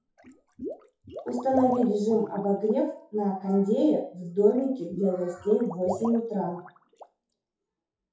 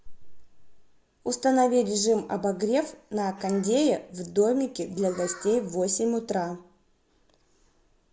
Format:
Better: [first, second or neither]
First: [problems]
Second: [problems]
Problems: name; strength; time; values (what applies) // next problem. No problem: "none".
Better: second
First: noise reduction (classical method WPE with log-MMSE)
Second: none